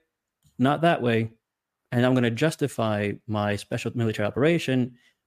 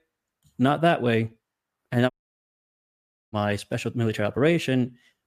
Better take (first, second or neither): first